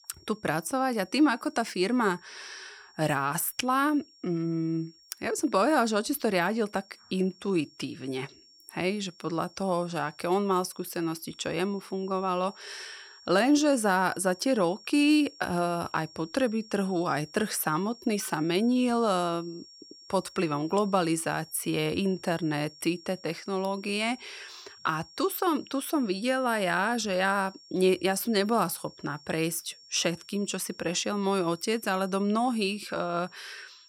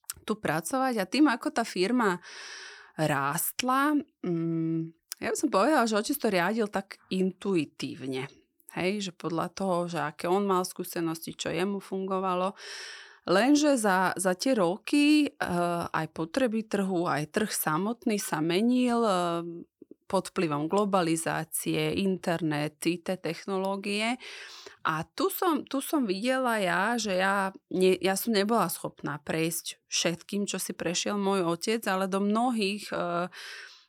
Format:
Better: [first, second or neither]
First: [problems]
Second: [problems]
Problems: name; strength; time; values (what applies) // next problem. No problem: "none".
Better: second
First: high-pitched whine; faint; throughout; 5.5 kHz, 25 dB below the speech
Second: none